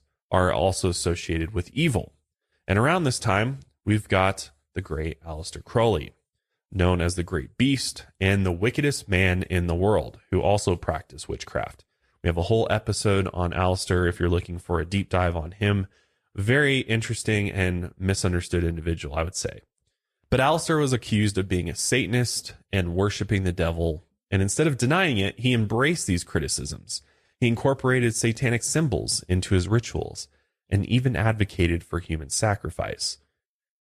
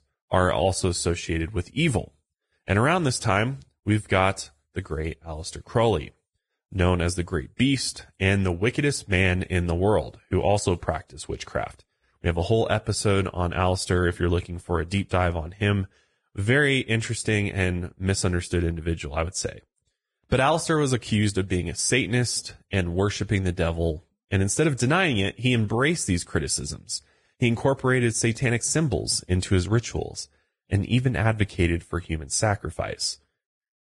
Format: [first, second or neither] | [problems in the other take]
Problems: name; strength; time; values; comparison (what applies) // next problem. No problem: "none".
first | garbled, watery; badly; nothing above 10 kHz; slightly in the first